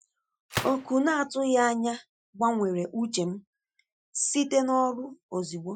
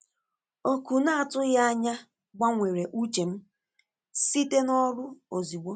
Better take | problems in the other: second | noise reduction (classical method Wiener filter)

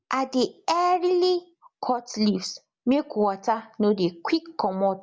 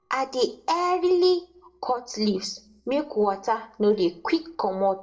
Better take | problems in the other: first | noise reduction (neural separator model SepFormer DNS4)

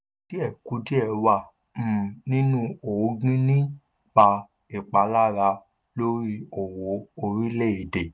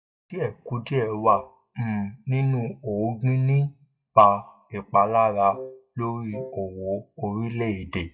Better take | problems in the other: first | noise reduction (classical method WPE with log-MMSE)

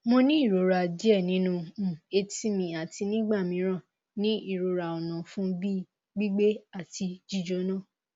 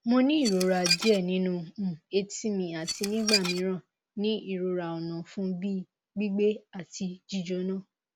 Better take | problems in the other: first | background sound (Dishes, pots, and pans / Glass); 3 dB below the speech

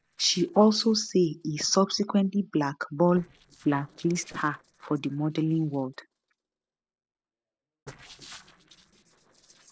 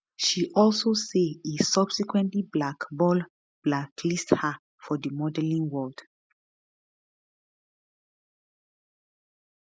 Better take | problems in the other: second | noise reduction (neural separator model SepFormer DNS4)

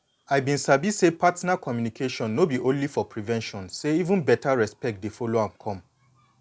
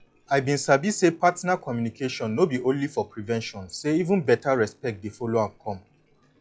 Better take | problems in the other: first | noise reduction (classical method log-MMSE)

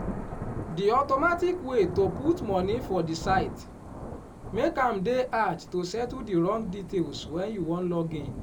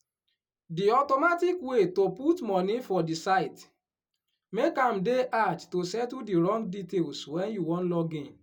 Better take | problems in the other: second | background sound (Thunder / Rain); 10 dB below the speech

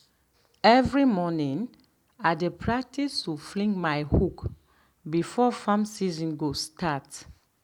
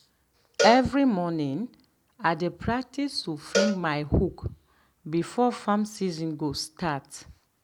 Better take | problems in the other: first | background sound (Cowbell); 6 dB below the speech

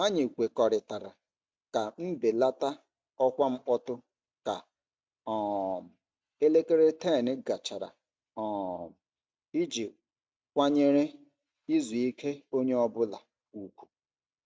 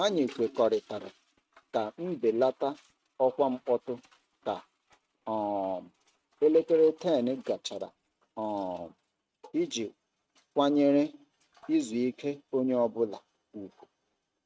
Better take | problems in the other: first | noise reduction (neural mask model RNNoise)

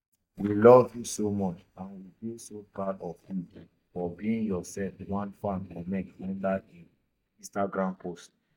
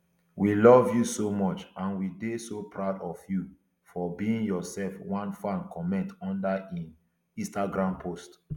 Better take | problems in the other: second | noise reduction (neural mask model DeepFilterNet 3)

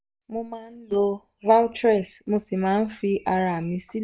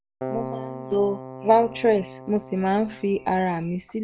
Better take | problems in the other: first | background sound (Keyboard (musical)); 13 dB below the speech

